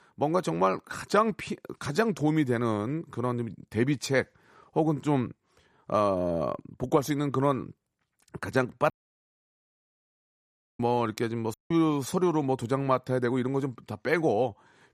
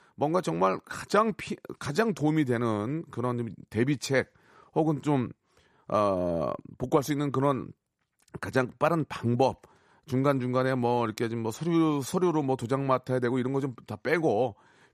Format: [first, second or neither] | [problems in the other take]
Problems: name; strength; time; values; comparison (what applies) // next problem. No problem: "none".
second | audio cutting out; at 9 s for 2 s and at 12 s